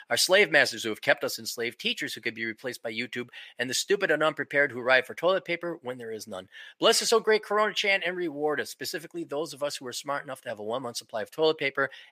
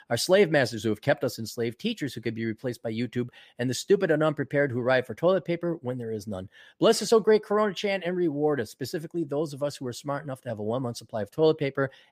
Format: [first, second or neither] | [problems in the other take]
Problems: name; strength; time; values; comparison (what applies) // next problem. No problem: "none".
second | thin; somewhat; fading below 1 kHz